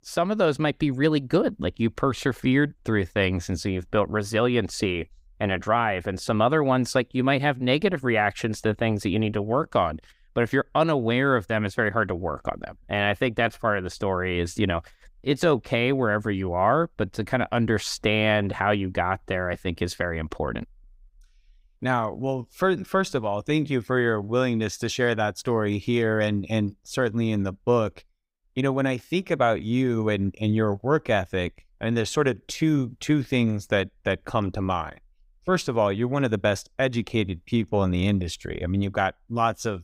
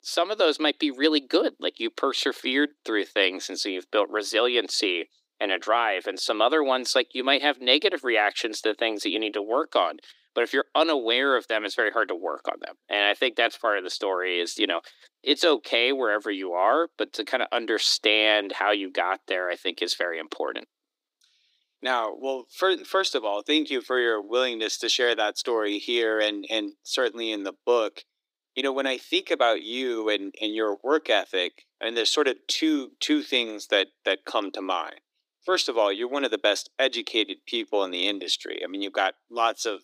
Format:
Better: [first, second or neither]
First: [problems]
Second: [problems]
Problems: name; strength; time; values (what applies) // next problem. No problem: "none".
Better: first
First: none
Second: thin; somewhat; fading below 300 Hz